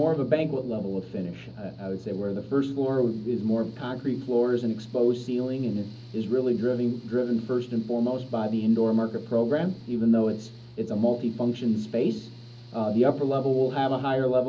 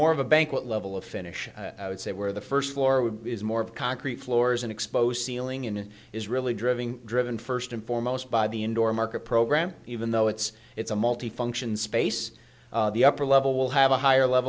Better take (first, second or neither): second